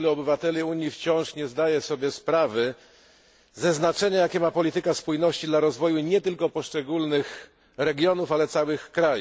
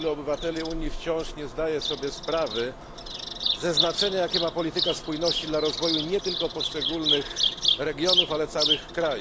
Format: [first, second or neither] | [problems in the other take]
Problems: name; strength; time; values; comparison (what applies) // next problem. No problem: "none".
first | background sound (Bird vocalization, bird call, bird song); as loud as the speech